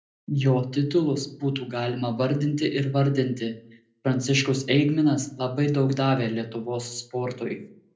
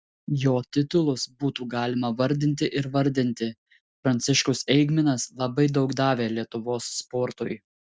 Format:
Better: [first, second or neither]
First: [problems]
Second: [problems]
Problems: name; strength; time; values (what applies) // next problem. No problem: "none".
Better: second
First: room echo; dies away in 0.5 s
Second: none